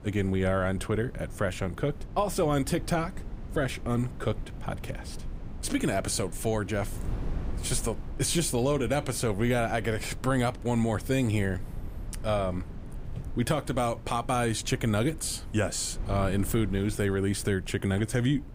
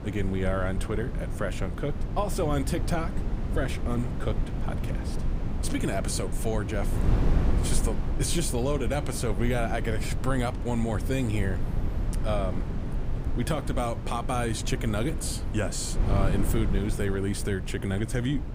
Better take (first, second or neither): first